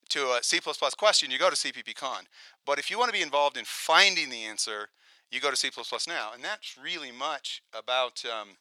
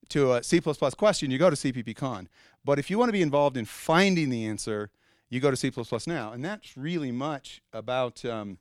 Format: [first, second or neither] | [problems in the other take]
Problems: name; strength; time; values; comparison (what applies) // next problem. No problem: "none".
second | thin; very; fading below 850 Hz